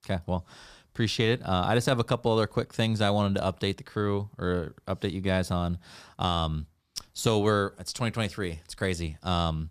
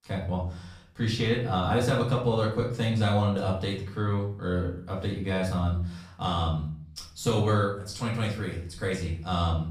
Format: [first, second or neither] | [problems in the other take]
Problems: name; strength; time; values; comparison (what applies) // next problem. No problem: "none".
first | off-mic speech; far // room echo; slight; dies away in 0.5 s